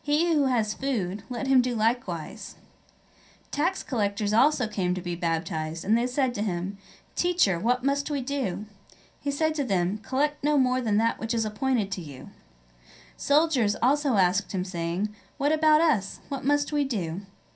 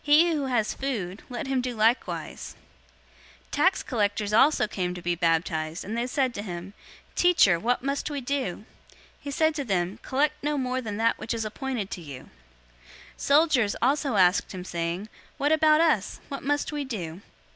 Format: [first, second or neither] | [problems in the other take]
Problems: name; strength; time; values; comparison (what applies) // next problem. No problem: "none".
second | room echo; dies away in 0.3 s